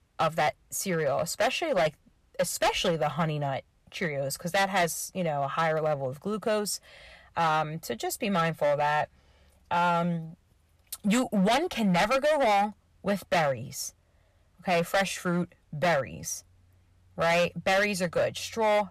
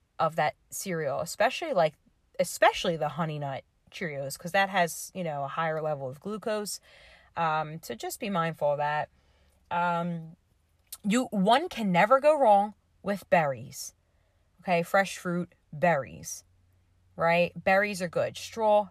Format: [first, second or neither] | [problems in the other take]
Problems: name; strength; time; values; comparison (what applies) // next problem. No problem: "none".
second | distortion; heavy; 10% of the sound clipped